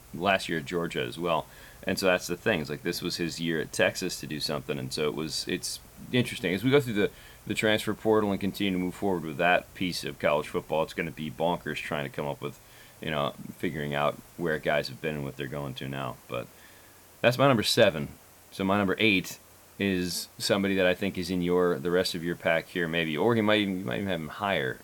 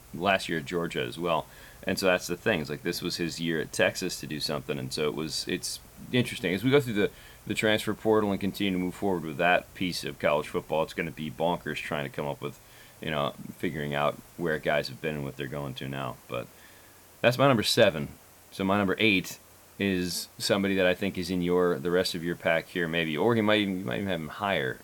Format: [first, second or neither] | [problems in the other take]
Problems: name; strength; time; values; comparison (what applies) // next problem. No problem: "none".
neither | hiss; faint; throughout; 25 dB below the speech; the same in both